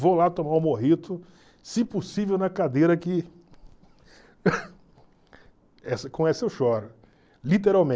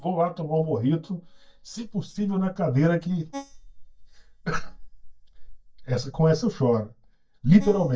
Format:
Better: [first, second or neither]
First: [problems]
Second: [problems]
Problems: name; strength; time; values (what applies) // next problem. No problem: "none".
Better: first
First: none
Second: noise reduction (neural mask model DeepFilterNet 3)